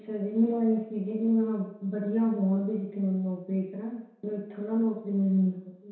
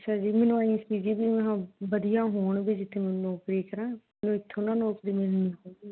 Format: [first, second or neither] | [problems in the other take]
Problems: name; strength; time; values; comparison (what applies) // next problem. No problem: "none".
second | room echo; dies away in 0.7 s